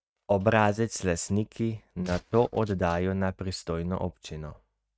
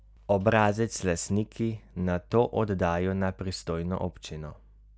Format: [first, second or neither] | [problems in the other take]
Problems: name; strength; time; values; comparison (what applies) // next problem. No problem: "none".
second | noise reduction (neural mask model RNNoise)